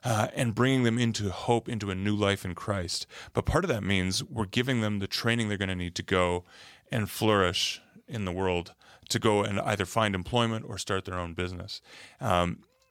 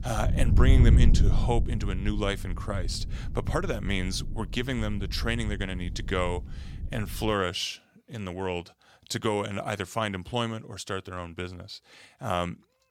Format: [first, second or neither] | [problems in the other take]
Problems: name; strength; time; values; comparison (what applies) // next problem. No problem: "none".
first | wind noise on the microphone; occasional gusts; until 7.5 s; 10 dB below the speech